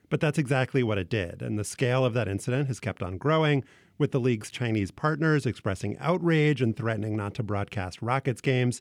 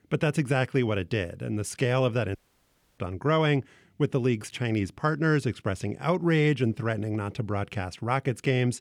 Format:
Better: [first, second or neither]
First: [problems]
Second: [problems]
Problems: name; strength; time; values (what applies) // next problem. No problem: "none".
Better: first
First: none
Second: audio cutting out; at 2.5 s for 0.5 s